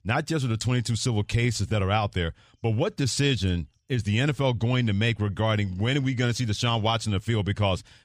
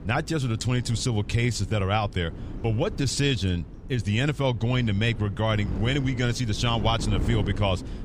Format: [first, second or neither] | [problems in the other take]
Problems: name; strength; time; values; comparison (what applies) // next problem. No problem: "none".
first | wind noise on the microphone; occasional gusts; 15 dB below the speech